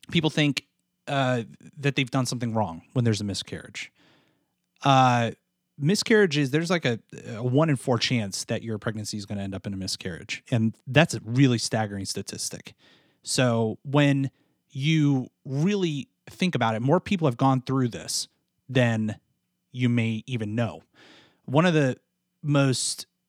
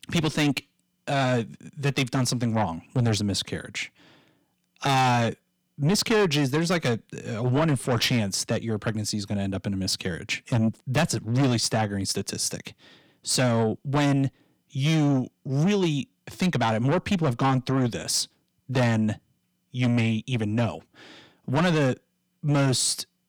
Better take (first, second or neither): first